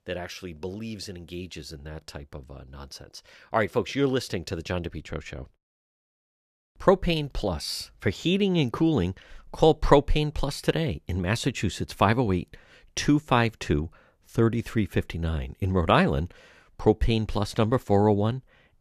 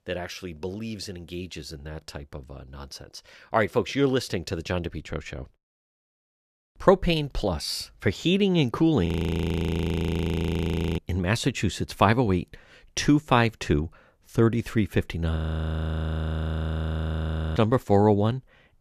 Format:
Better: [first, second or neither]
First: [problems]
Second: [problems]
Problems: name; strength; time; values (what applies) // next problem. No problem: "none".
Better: first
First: none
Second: audio freezing; at 9 s for 2 s and at 15 s for 2 s